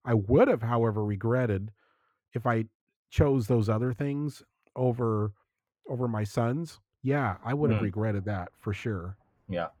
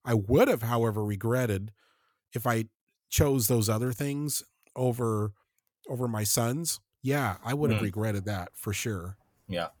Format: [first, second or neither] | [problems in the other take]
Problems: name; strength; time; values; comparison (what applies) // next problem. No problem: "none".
second | muffled; very; fading above 4 kHz